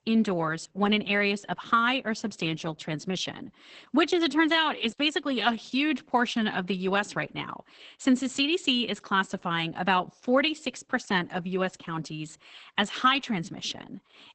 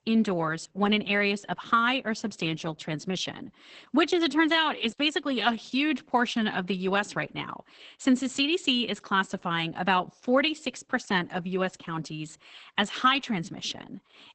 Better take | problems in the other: neither | garbled, watery; badly; nothing above 8 kHz; the same in both

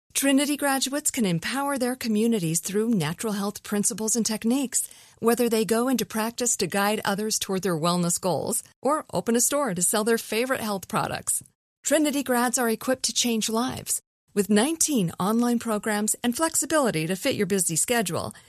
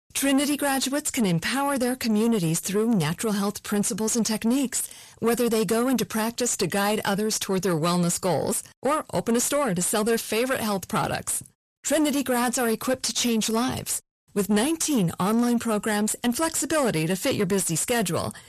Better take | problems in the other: first | distortion; slight; 10 dB below the speech

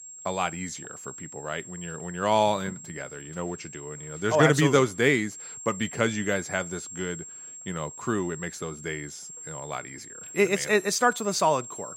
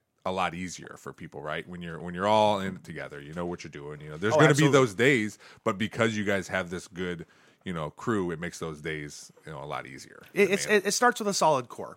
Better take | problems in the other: second | high-pitched whine; noticeable; throughout; 7.5 kHz, 15 dB below the speech

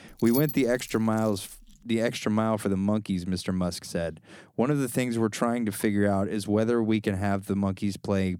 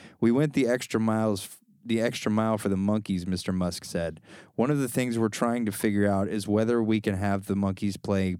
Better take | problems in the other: second | jangling keys; noticeable; until 1.5 s; peak 6 dB below the speech

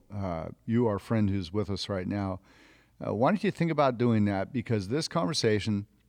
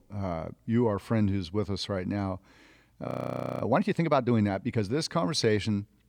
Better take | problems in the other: first | audio freezing; at 3 s for 0.5 s

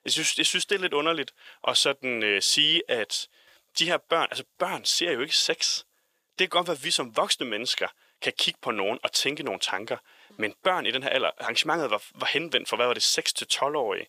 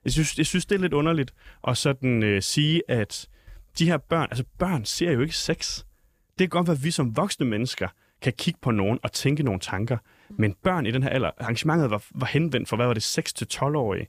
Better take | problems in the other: second | thin; very; fading below 550 Hz

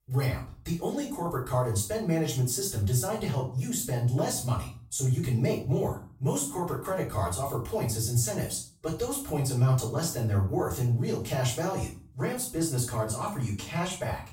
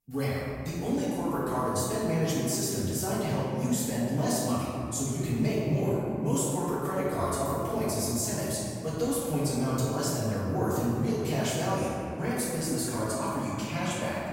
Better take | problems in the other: first | room echo; strong; dies away in 2.8 s; slight in the first // off-mic speech; far; far in the first

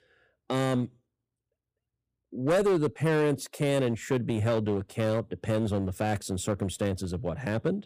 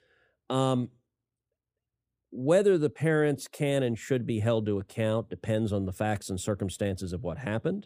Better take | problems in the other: second | distortion; slight; 8% of the sound clipped

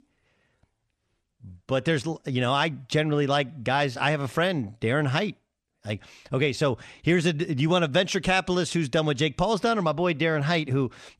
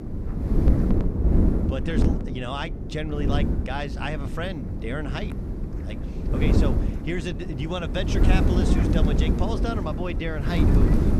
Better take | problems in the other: first | wind noise on the microphone; heavy; 1 dB below the speech

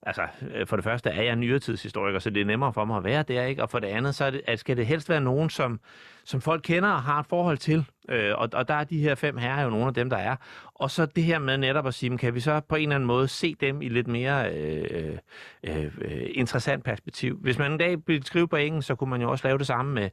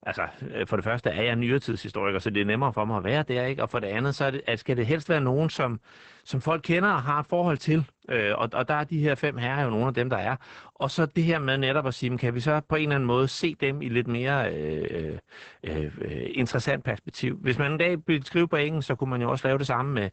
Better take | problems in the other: first | garbled, watery; badly; nothing above 8 kHz

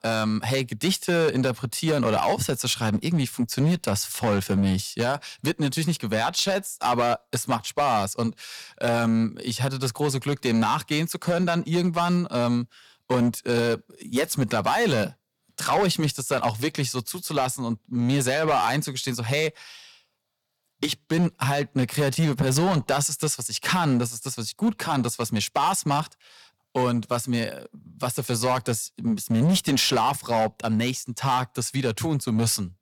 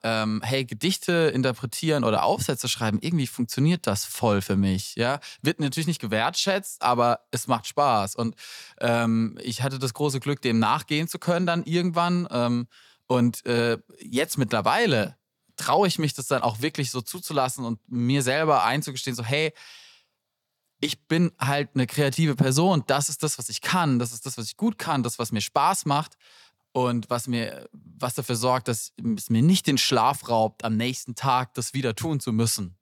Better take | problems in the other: second | distortion; slight; 7% of the sound clipped

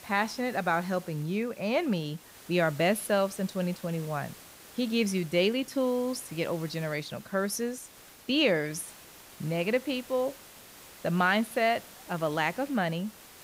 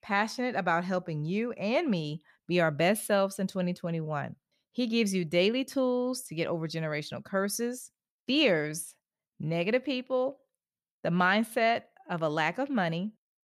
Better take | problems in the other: second | hiss; noticeable; throughout; 20 dB below the speech

